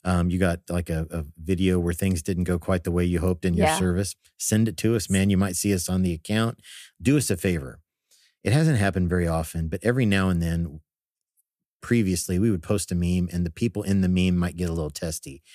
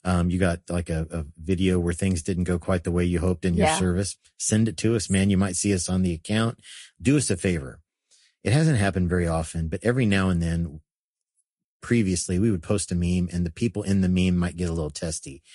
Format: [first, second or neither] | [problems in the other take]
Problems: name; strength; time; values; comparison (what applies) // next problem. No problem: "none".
first | garbled, watery; slightly; nothing above 10.5 kHz